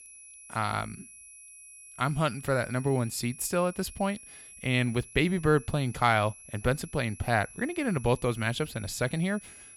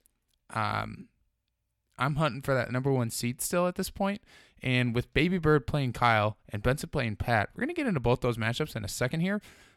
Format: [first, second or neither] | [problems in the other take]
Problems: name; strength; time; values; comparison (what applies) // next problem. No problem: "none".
second | high-pitched whine; noticeable; throughout; 11 kHz, 15 dB below the speech